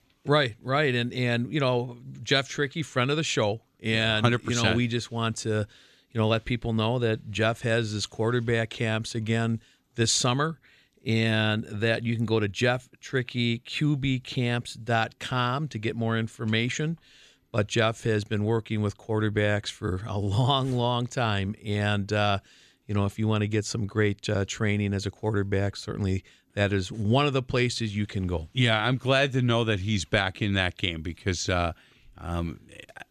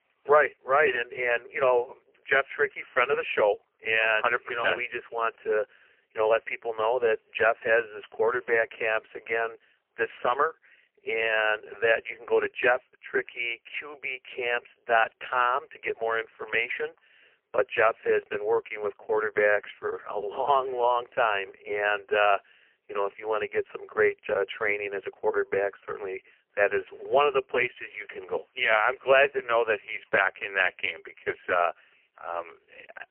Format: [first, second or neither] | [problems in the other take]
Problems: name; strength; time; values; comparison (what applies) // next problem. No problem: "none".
first | phone-call audio; poor line; nothing above 3 kHz